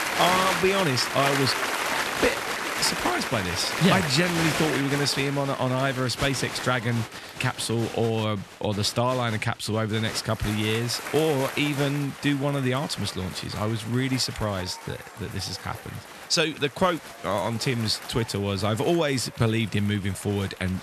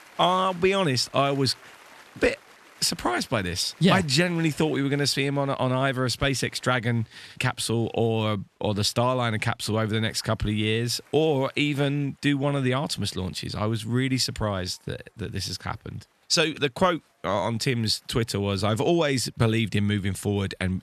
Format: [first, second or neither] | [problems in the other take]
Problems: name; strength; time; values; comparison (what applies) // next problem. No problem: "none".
second | crowd noise; loud; throughout; 5 dB below the speech; faint in the second